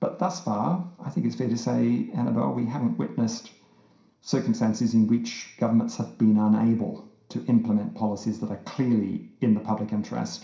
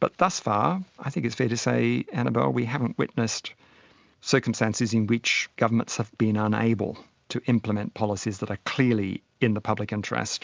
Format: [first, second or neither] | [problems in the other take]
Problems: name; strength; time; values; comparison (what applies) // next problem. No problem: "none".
second | room echo; dies away in 0.5 s